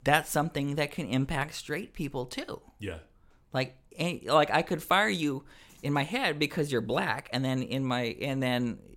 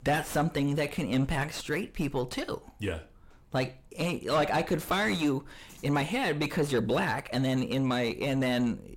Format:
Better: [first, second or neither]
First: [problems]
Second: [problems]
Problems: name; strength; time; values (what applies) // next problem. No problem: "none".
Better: first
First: none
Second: distortion; heavy; 5 dB below the speech